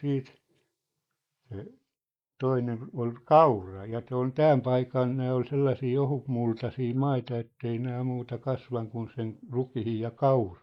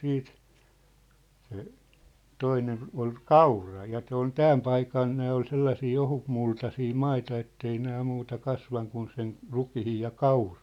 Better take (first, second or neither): second